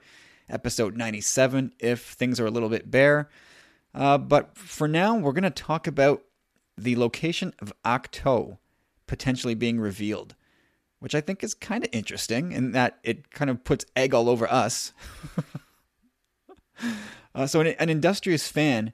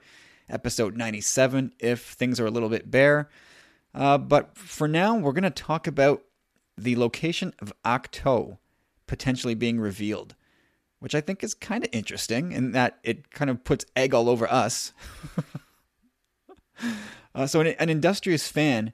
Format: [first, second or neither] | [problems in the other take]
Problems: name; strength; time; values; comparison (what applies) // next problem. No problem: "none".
neither | none